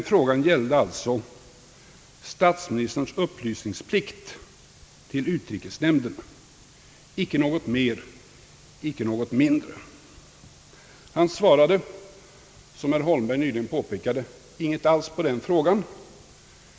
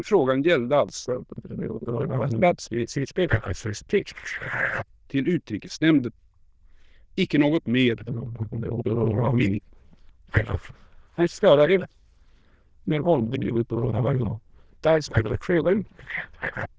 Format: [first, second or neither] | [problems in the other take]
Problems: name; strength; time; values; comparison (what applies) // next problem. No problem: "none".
first | noise reduction (neural diffusion model UNIVERSE++)